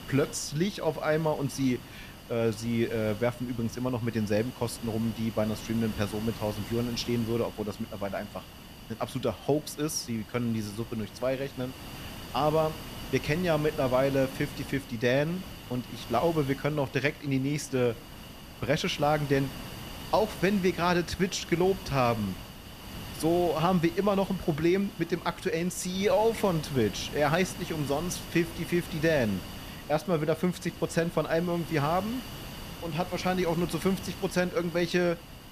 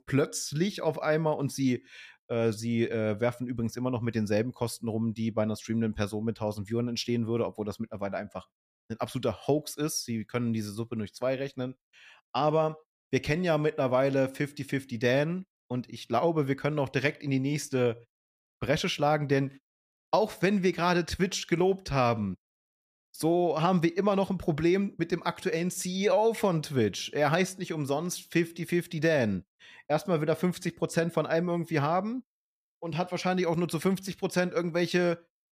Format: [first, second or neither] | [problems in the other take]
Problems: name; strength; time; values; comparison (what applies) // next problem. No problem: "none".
second | hiss; noticeable; throughout; 15 dB below the speech